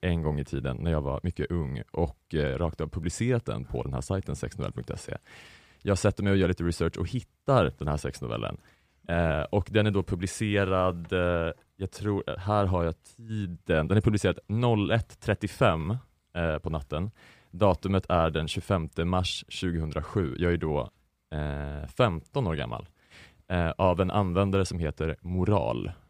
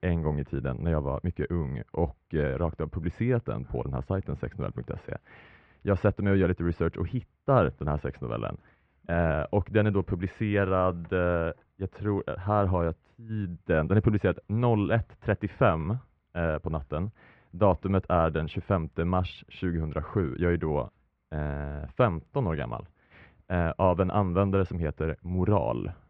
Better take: first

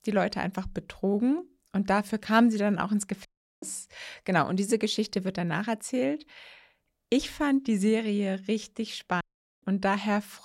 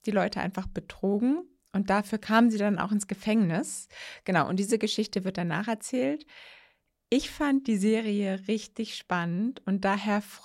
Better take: second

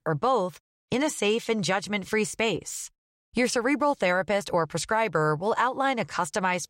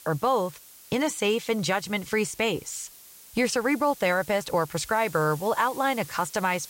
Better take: first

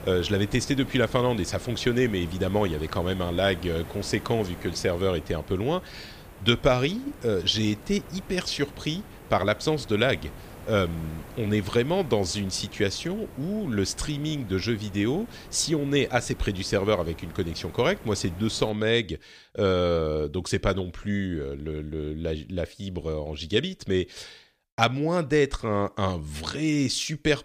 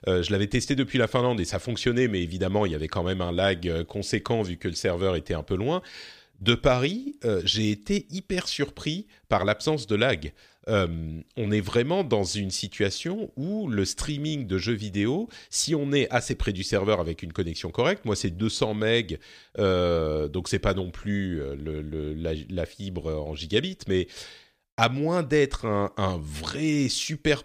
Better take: second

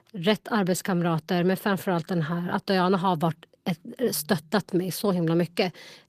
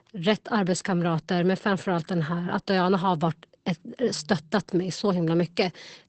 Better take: first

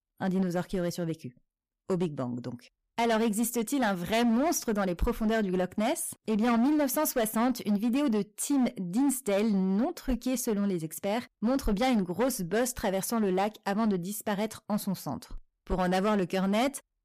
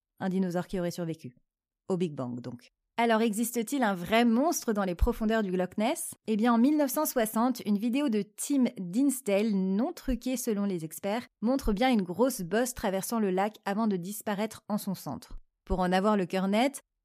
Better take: second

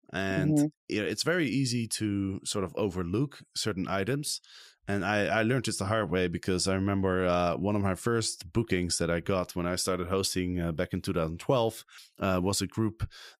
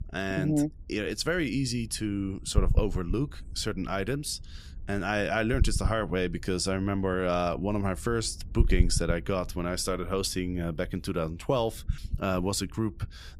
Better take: first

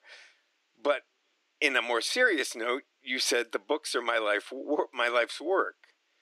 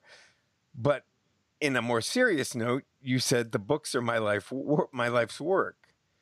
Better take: second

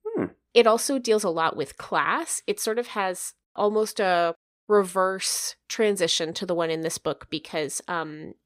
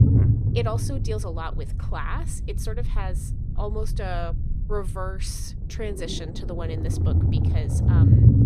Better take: first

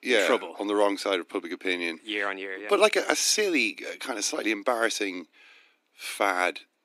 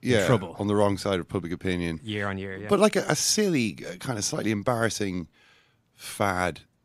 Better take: second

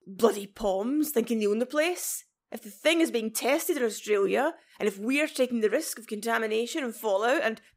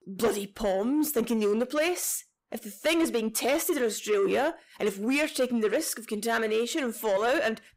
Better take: first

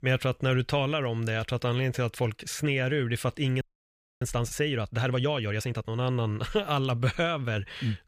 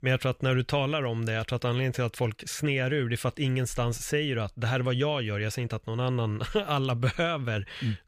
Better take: second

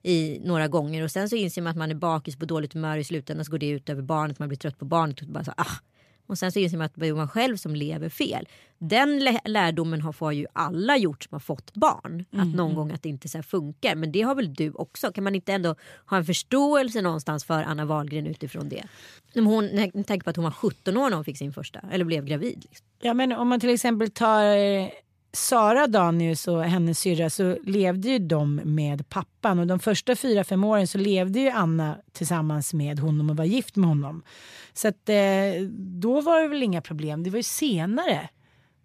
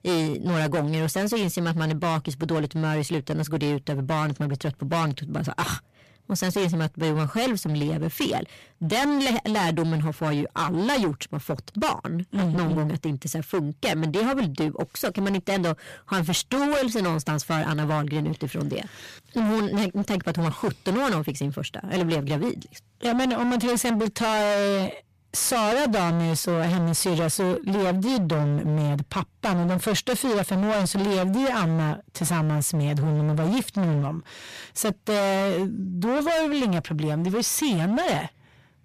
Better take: first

